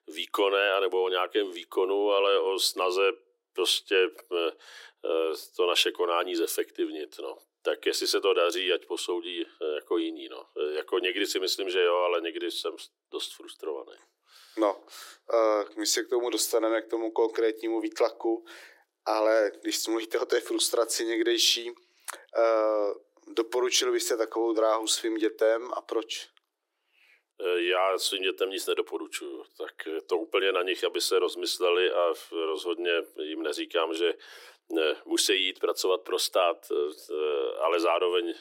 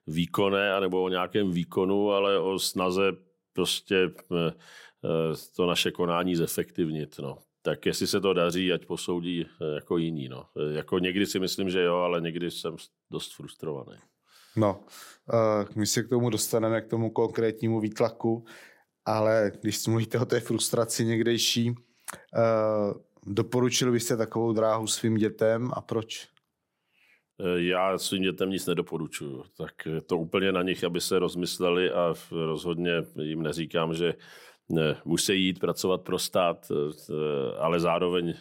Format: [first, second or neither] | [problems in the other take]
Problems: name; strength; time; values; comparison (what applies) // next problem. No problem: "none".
second | thin; very; fading below 300 Hz